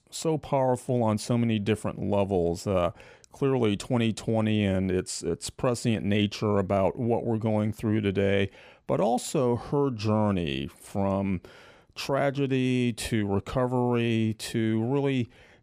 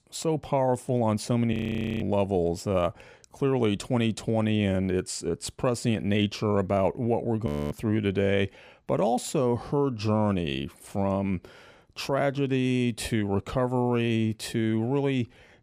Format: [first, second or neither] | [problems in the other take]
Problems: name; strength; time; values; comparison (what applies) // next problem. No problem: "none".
first | audio freezing; at 1.5 s and at 7.5 s